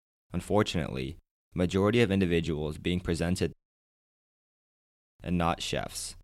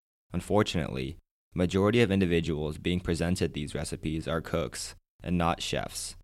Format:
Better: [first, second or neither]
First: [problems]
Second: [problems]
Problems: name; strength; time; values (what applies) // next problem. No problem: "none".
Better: second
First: audio cutting out; at 3.5 s for 1.5 s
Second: none